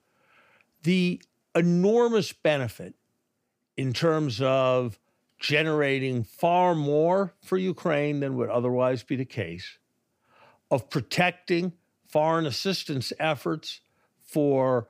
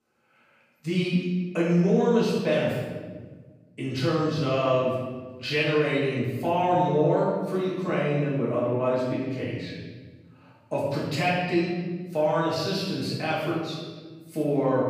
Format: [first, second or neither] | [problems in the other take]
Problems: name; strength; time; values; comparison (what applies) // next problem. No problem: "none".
first | room echo; strong; dies away in 1.4 s // off-mic speech; far